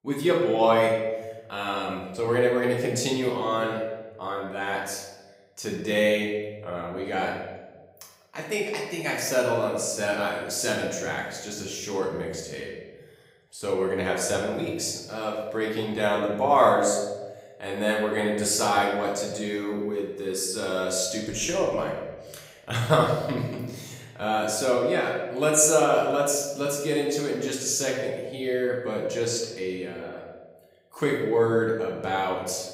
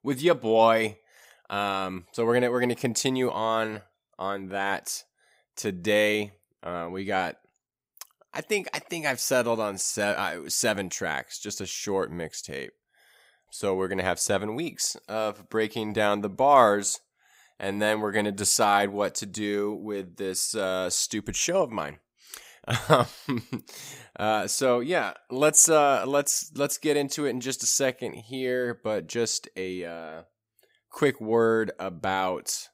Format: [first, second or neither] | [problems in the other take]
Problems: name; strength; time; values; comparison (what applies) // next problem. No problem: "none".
second | room echo; noticeable; dies away in 1.2 s // off-mic speech; far